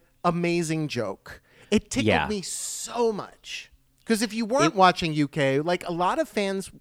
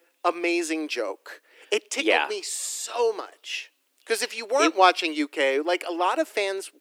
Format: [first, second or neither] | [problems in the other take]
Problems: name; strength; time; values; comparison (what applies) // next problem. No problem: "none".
first | thin; somewhat; fading below 300 Hz